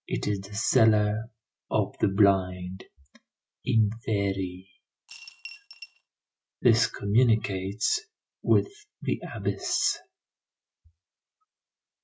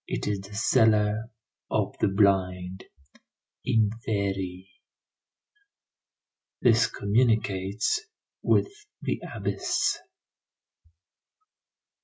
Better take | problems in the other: second | background sound (Coin (dropping) / Glass); 17 dB below the speech

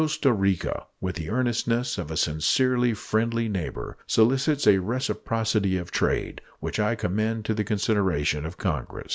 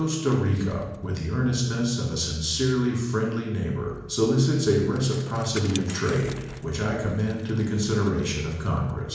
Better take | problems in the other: first | background sound (Bicycle); 19 dB below the speech // room echo; dies away in 1 s

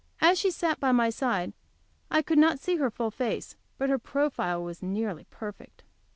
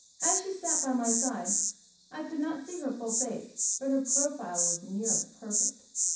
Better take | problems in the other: first | background sound (Insect); 3 dB above the speech // room echo; dies away in 0.6 s

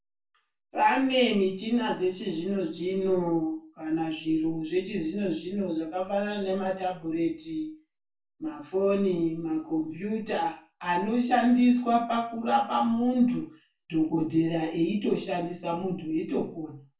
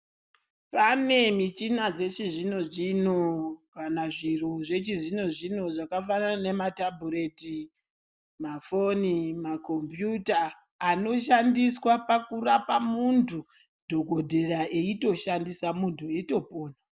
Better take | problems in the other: second | room echo; dies away in 0.3 s

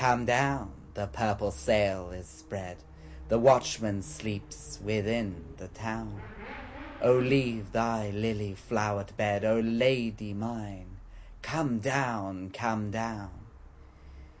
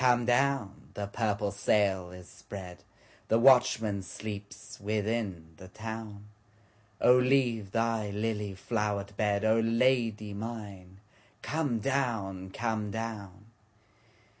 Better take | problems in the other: second | background sound (Motorcycle / Accelerating, revving, vroom); 17 dB below the speech

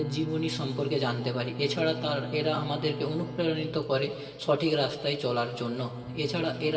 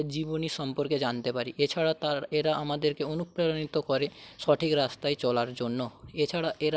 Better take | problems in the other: second | background sound (Bowed string instrument); 10 dB below the speech // room echo; dies away in 2 s

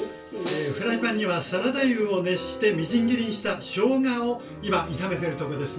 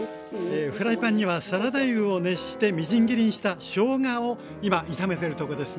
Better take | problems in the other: second | background sound (Snare drum); 19 dB below the speech // room echo; dies away in 0.3 s

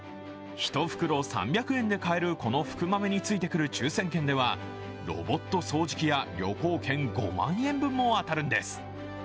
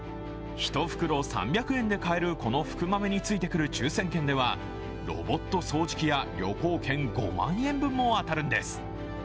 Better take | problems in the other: first | background sound (Piano); 10 dB below the speech

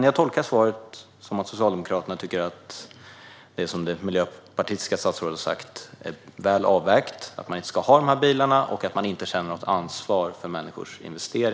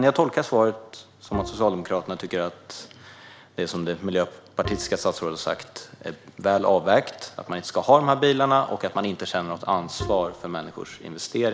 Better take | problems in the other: first | background sound (Bowed string instrument); 13 dB below the speech

